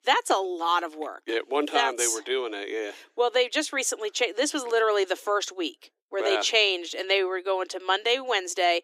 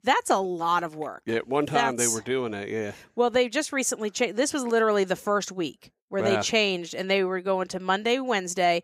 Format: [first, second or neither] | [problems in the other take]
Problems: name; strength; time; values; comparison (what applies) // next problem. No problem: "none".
second | thin; somewhat; fading below 300 Hz